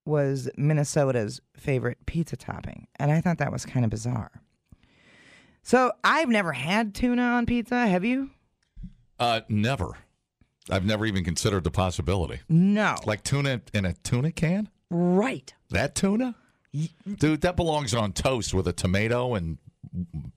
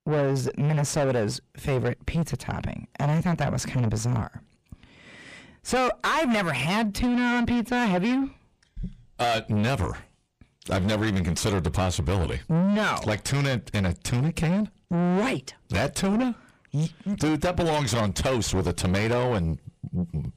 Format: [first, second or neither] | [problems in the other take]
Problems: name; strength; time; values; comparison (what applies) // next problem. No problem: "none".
first | distortion; heavy; 6 dB below the speech